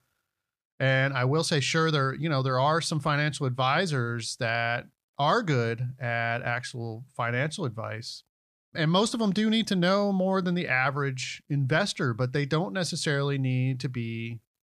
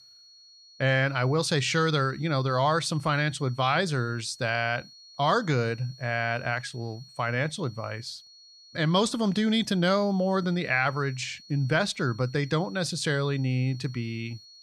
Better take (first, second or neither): first